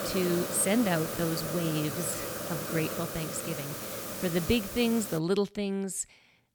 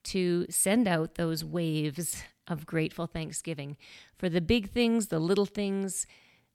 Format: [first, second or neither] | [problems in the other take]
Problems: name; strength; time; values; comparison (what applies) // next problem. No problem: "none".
second | hiss; loud; until 5 s; 4 dB below the speech